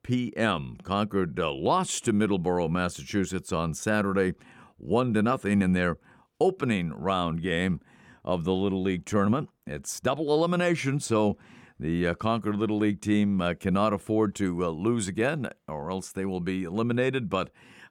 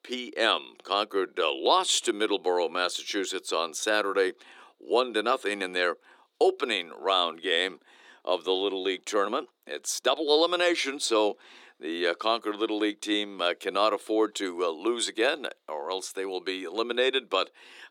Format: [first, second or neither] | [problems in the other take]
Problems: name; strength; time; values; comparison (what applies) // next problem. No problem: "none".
first | thin; very; fading below 300 Hz